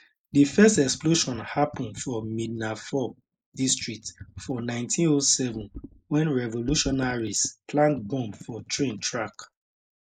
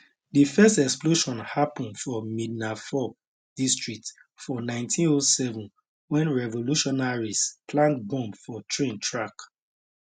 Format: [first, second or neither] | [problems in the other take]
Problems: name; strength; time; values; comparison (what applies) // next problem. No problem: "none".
second | noise reduction (neural mask model Resemble Enhance denoiser)